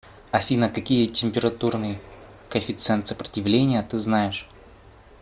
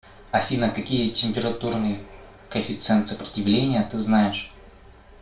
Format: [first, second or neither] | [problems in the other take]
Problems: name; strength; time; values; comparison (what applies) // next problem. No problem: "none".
first | room echo; dies away in 0.3 s